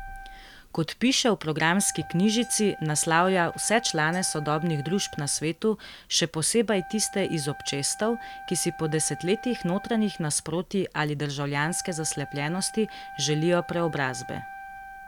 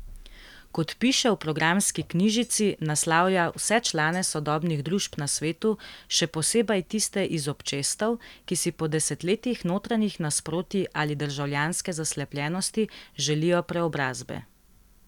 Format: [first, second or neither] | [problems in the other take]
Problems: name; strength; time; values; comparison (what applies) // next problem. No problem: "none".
second | background sound (Wind instrument, woodwind instrument); 16 dB below the speech